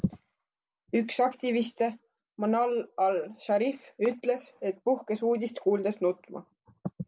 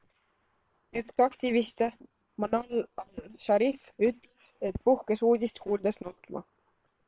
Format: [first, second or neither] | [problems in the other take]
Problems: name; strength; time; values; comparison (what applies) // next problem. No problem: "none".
first | noise reduction (neural separator model SepFormer WHAM!)